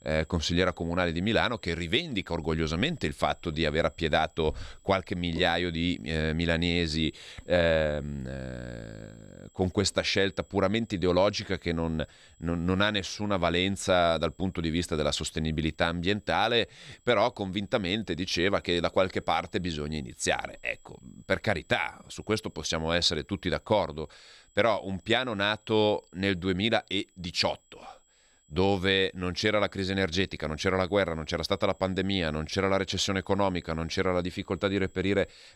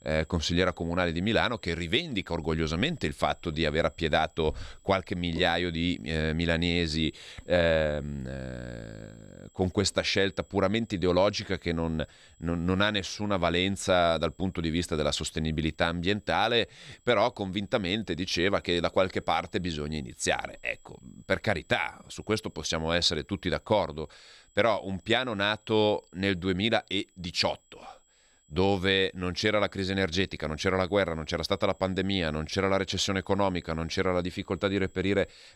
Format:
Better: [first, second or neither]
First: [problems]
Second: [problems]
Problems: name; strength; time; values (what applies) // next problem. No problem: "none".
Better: neither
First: high-pitched whine; faint; throughout; 7.5 kHz, 35 dB below the speech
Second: high-pitched whine; faint; throughout; 7.5 kHz, 35 dB below the speech